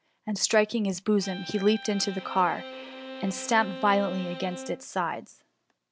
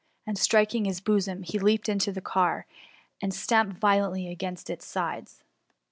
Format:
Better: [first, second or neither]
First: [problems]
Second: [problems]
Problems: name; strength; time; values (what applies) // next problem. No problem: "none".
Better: second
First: background sound (Bowed string instrument); 12 dB below the speech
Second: none